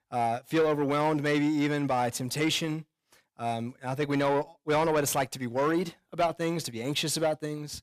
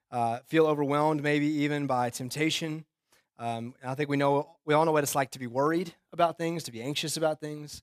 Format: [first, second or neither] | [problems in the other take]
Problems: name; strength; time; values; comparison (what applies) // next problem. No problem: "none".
second | distortion; slight; 10 dB below the speech